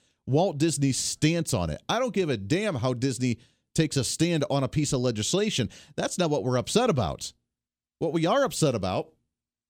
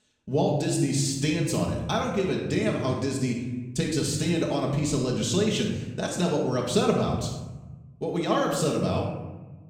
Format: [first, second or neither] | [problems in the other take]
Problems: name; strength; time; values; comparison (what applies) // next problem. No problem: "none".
first | room echo; noticeable; dies away in 1 s // off-mic speech; far